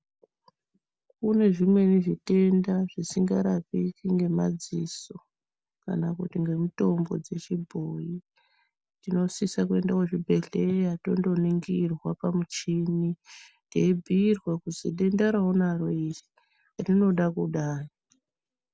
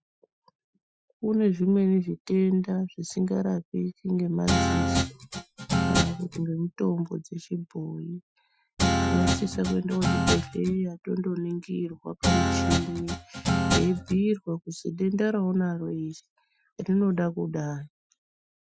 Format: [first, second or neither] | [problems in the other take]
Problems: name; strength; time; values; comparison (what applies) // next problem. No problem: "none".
first | noise reduction (classical method Wiener filter)